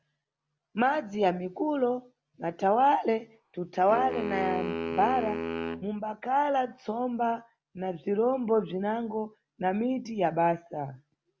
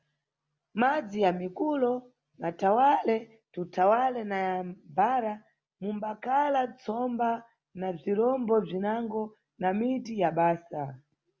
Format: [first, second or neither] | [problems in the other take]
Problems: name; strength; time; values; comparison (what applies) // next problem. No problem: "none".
second | background sound (Wind instrument, woodwind instrument); 6 dB below the speech